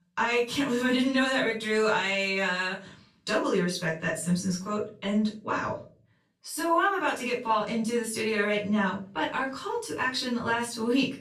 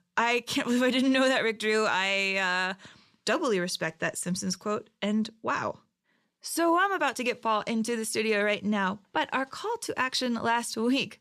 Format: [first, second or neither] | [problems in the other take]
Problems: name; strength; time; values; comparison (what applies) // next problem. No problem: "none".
second | off-mic speech; far // room echo; slight; dies away in 0.4 s